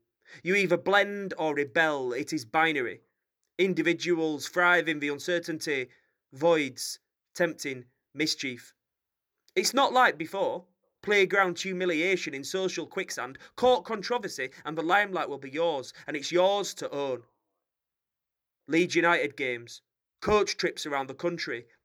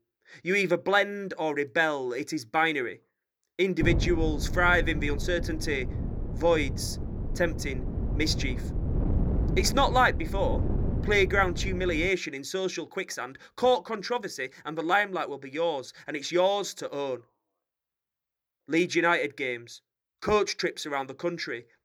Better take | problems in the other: first | wind noise on the microphone; occasional gusts; from 4 to 12 s; 15 dB below the speech

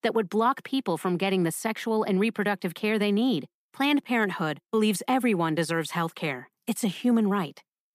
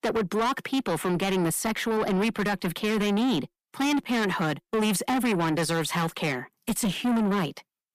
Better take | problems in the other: first | distortion; heavy; 7 dB below the speech

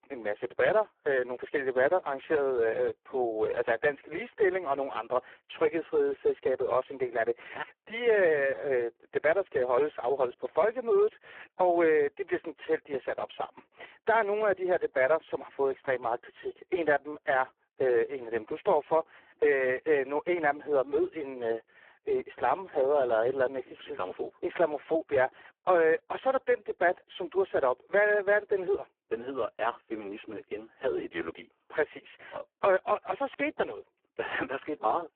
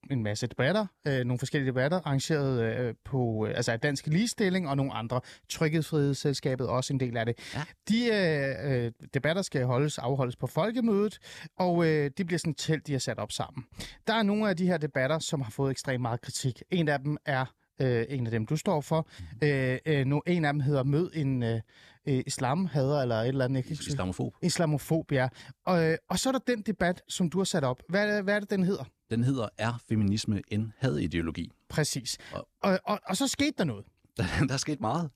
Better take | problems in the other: second | phone-call audio; poor line

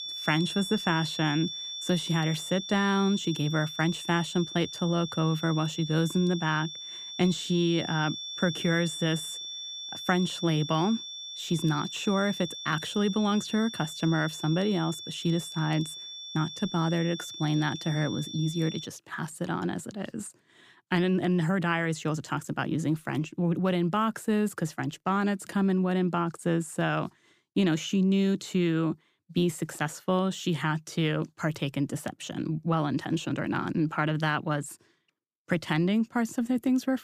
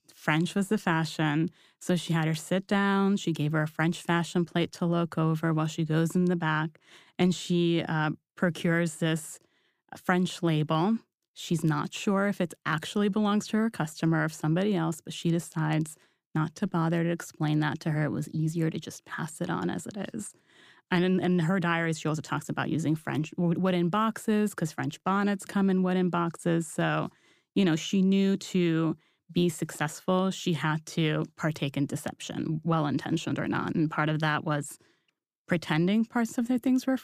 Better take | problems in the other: second | high-pitched whine; loud; until 19 s; 3.5 kHz, 8 dB below the speech

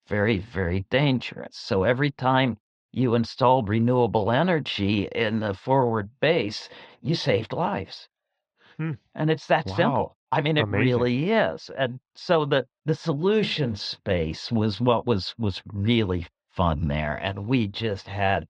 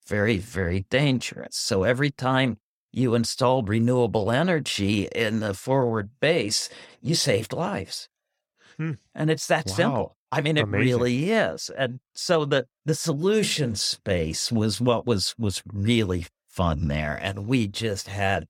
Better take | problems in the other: second | muffled; slightly; fading above 4 kHz

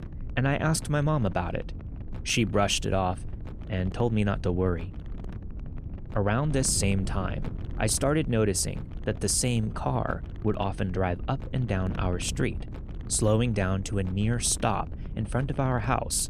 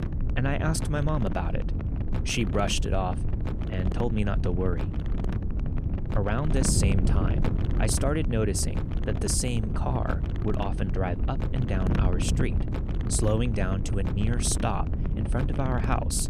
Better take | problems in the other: first | wind noise on the microphone; heavy; 7 dB below the speech; occasional gusts in the first

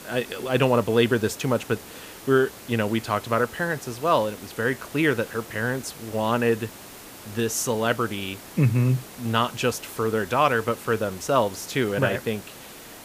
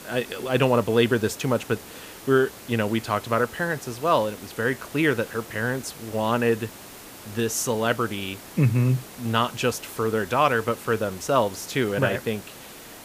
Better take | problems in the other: neither | hiss; noticeable; throughout; 15 dB below the speech; the same in both

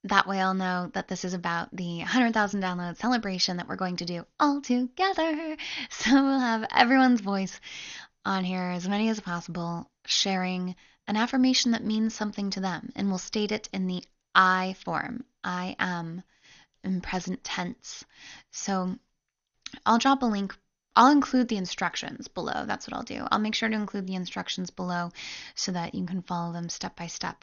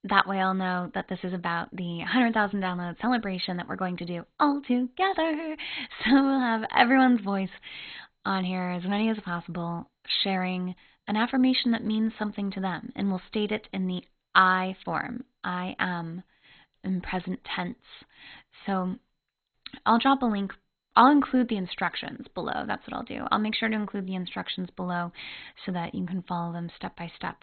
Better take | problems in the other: first | garbled, watery; badly; nothing above 4 kHz; slightly in the first

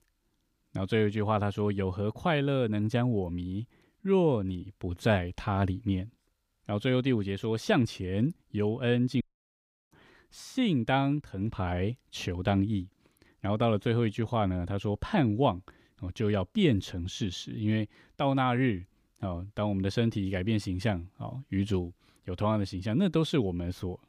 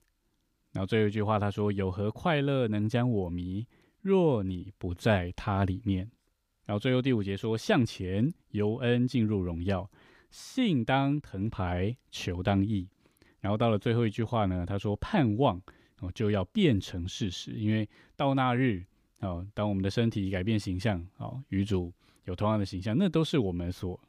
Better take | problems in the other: second | audio cutting out; at 9 s for 0.5 s

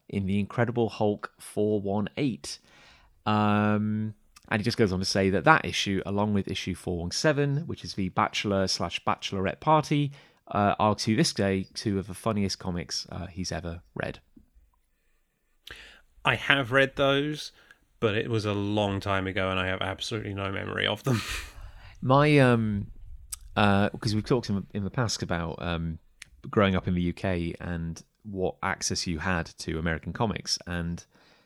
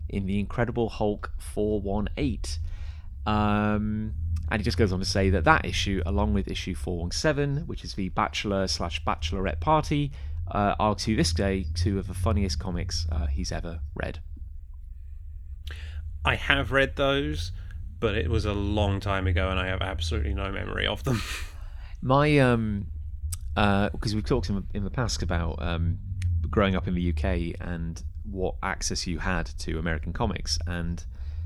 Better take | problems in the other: first | low rumble; faint; throughout; 25 dB below the speech

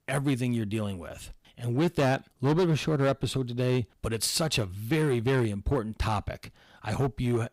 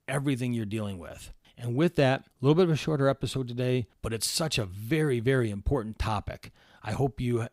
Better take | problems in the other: second | distortion; slight; 7% of the sound clipped

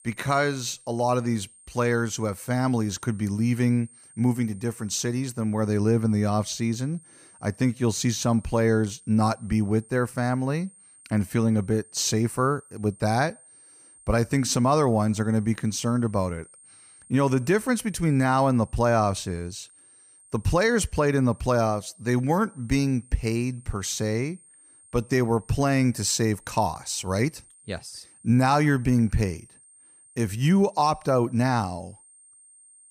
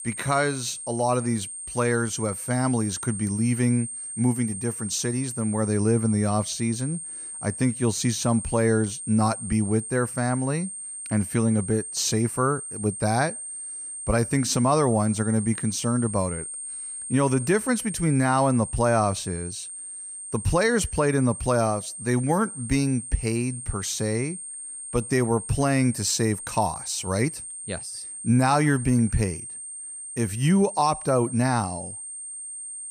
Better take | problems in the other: first | high-pitched whine; loud; throughout; 8.5 kHz, 8 dB below the speech; faint in the first

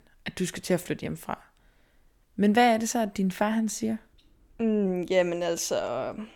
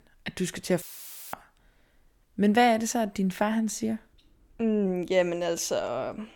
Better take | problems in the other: first | audio cutting out; filled with static; at 1 s for 0.5 s

